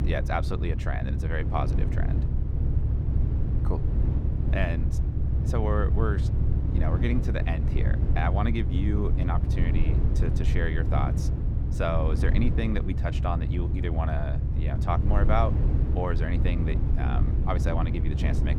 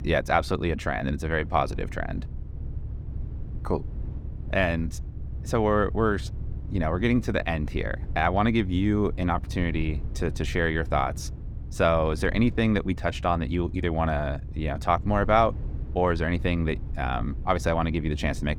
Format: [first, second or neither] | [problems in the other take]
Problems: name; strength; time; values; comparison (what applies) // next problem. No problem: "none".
second | low rumble; loud; throughout; 6 dB below the speech; faint in the second